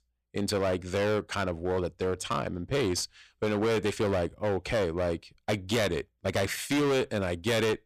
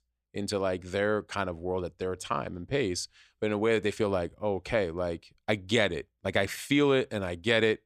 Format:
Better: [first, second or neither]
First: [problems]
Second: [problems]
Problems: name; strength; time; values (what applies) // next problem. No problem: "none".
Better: second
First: distortion; heavy; 18% of the sound clipped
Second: none